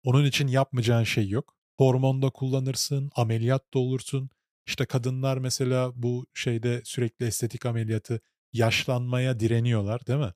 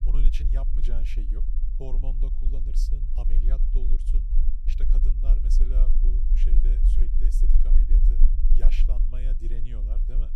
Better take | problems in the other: first | low rumble; loud; throughout; 3 dB below the speech

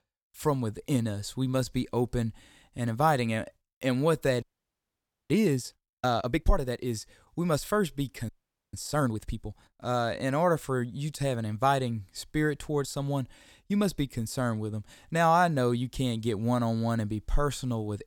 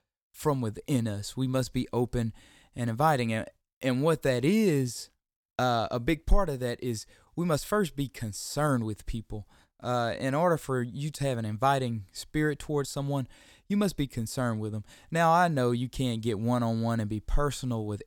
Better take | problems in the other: second | audio freezing; at 4.5 s for 1 s and at 8.5 s

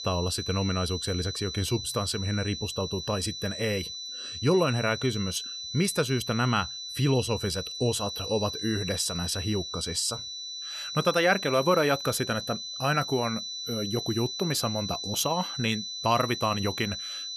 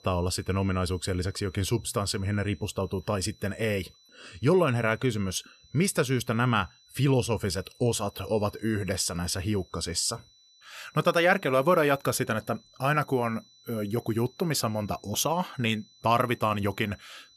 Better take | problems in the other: second | high-pitched whine; loud; throughout; 4 kHz, 6 dB below the speech; faint in the second

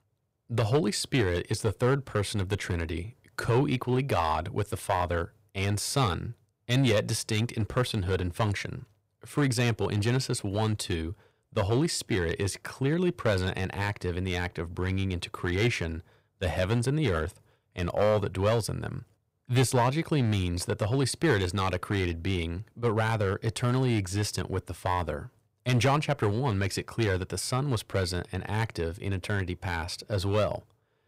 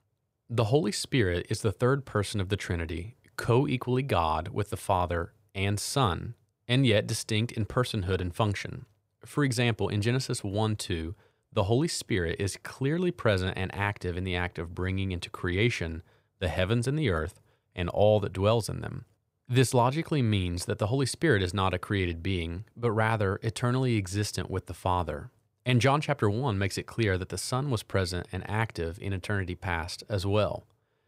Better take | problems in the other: second | distortion; slight; 4% of the sound clipped

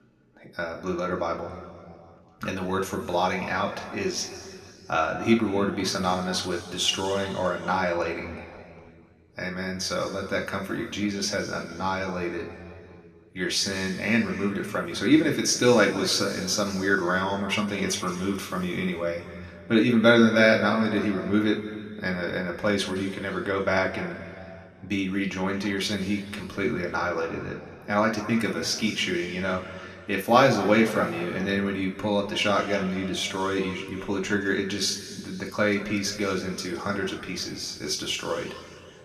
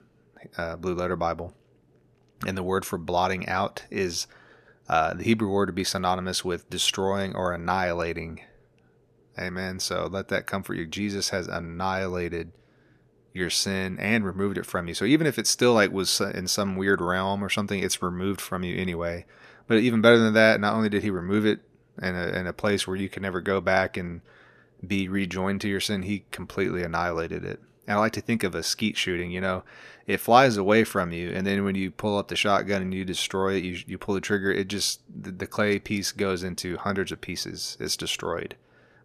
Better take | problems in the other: second | room echo; noticeable; dies away in 2.2 s // off-mic speech; somewhat distant

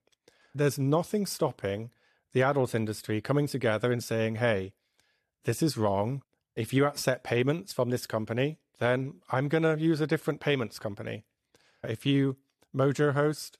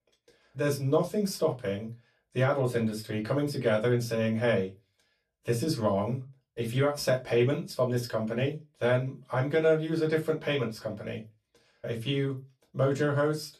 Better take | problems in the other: first | off-mic speech; far // room echo; very slight; dies away in 0.2 s

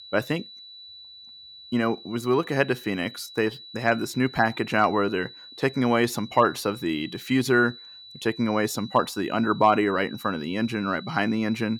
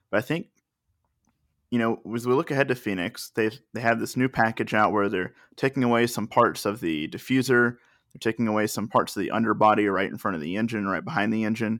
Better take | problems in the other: second | high-pitched whine; noticeable; throughout; 4 kHz, 15 dB below the speech

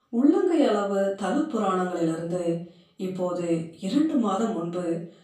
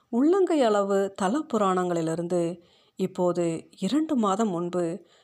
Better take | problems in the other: second | off-mic speech; far // room echo; slight; dies away in 0.4 s

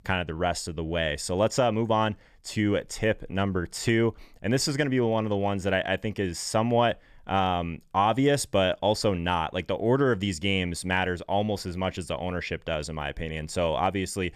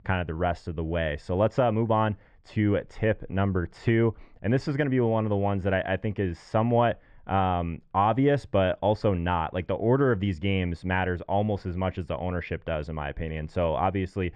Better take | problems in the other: first | muffled; very; fading above 2 kHz

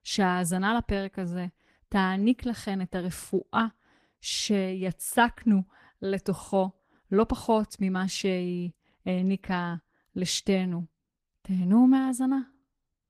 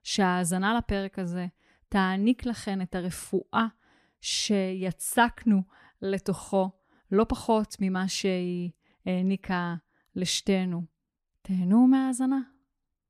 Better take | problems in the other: second | garbled, watery; slightly

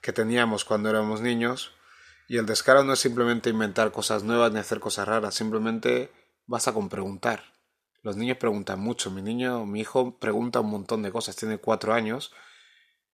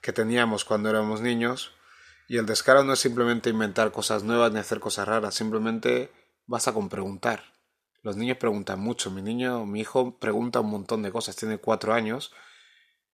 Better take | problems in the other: neither | none

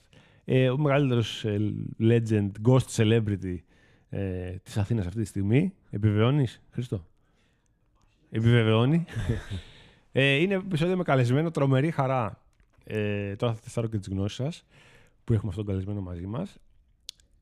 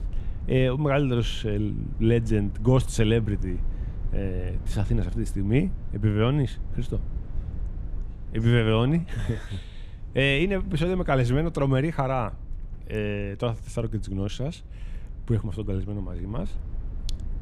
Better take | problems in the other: first | low rumble; faint; throughout; 25 dB below the speech

